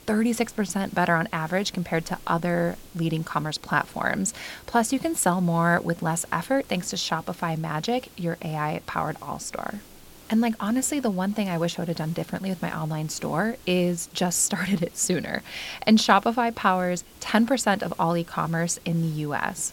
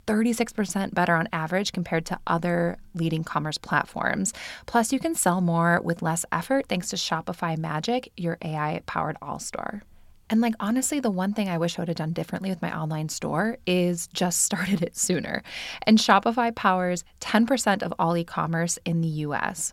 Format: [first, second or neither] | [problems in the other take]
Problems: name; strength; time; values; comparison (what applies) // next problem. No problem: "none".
second | hiss; faint; throughout; 20 dB below the speech